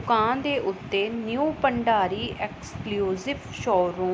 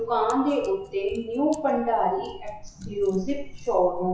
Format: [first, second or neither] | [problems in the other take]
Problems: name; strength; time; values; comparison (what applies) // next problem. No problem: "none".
first | noise reduction (classical method WPE with log-MMSE)